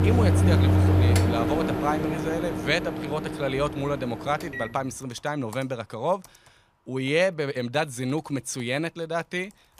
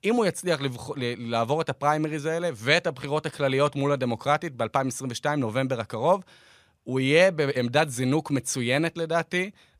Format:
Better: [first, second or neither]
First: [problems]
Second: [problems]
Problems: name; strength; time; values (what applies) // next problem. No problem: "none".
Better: second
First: household noises; very loud; throughout; 3 dB above the speech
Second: none